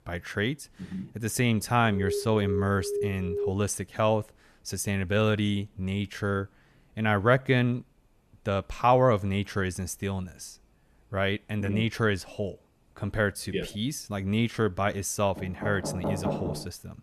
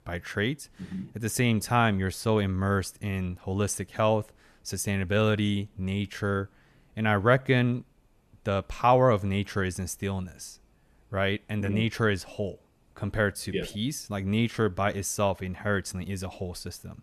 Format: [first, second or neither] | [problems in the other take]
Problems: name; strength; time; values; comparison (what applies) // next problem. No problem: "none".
second | alarm; noticeable; from 2 to 3.5 s; peak 4 dB below the speech // door banging; noticeable; from 15 s on; peak 2 dB below the speech